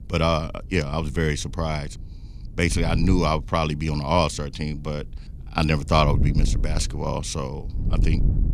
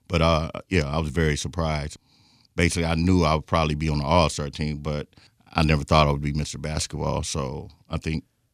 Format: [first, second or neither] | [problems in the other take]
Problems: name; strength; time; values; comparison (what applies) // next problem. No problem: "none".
second | wind noise on the microphone; occasional gusts; 15 dB below the speech